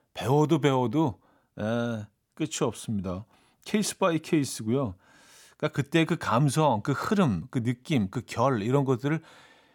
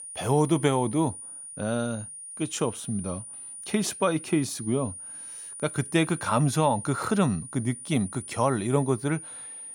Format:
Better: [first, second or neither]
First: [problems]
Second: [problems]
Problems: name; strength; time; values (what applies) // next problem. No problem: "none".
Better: first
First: none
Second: high-pitched whine; noticeable; throughout; 9.5 kHz, 10 dB below the speech